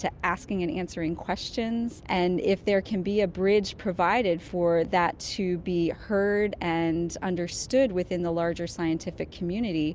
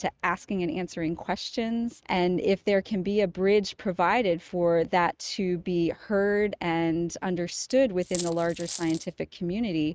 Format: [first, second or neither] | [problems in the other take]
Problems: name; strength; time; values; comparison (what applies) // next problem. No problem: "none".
first | noise reduction (neural mask model RNNoise)